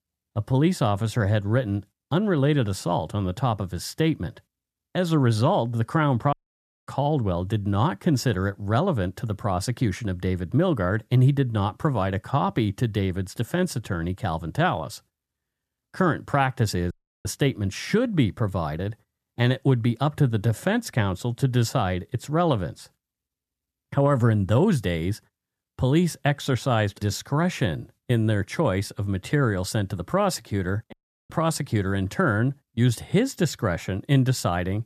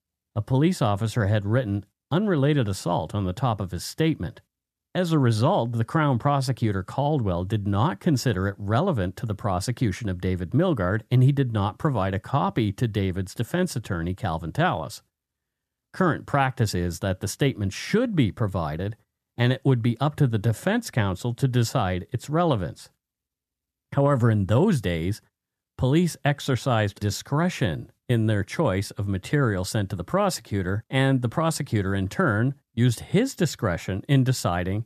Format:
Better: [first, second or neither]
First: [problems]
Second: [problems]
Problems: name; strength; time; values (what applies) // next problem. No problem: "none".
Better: second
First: audio cutting out; at 6.5 s for 0.5 s, at 17 s and at 31 s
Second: none